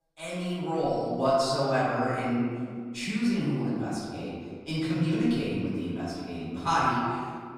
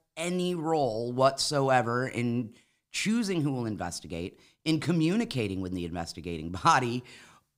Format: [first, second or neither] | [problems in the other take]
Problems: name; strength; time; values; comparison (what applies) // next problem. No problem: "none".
second | room echo; strong; dies away in 1.8 s // off-mic speech; far